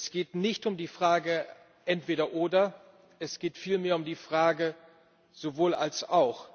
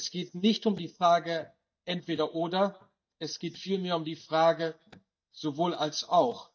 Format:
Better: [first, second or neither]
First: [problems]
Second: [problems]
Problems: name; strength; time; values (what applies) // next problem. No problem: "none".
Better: first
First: none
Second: noise reduction (neural mask model DeepFilterNet 3)